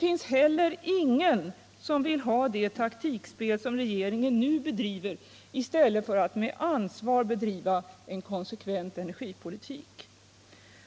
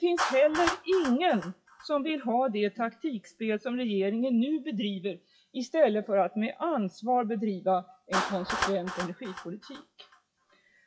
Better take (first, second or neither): first